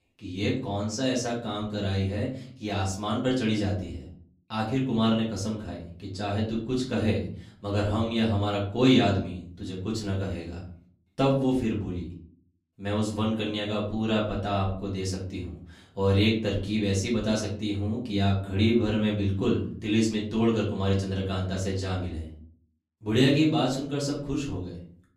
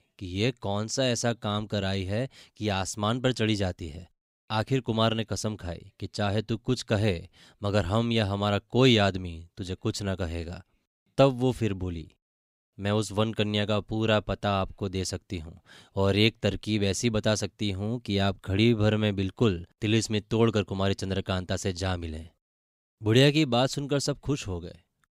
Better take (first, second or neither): second